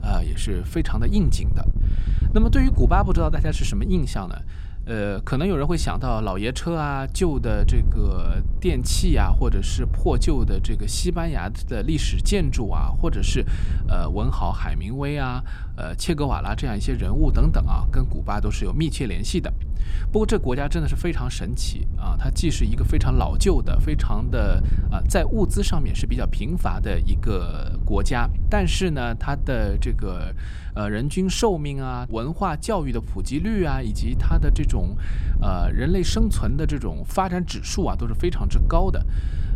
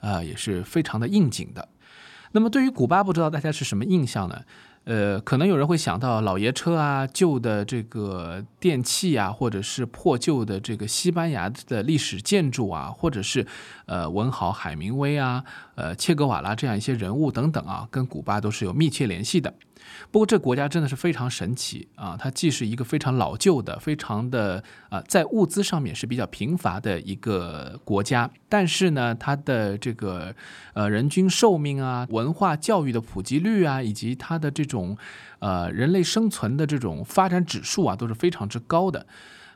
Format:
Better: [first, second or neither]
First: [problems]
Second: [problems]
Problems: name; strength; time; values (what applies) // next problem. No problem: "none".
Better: second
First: wind noise on the microphone; occasional gusts; 15 dB below the speech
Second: none